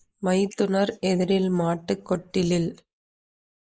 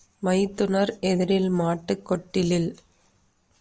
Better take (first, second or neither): second